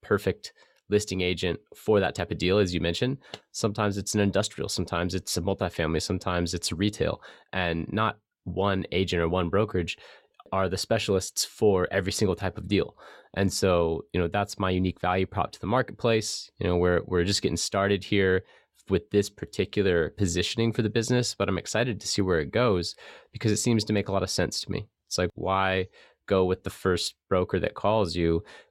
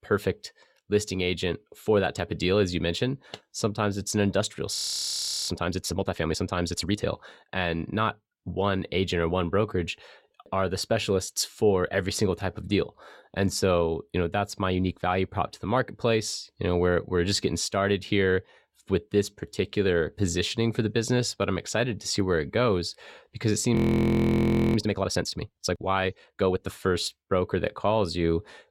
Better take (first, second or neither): first